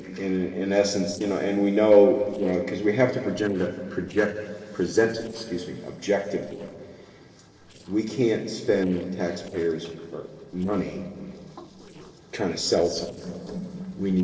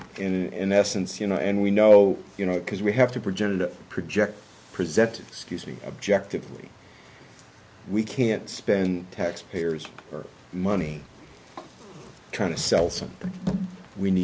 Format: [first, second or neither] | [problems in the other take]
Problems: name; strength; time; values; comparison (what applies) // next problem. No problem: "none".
second | noise reduction (neural separator model SepFormer DNS4)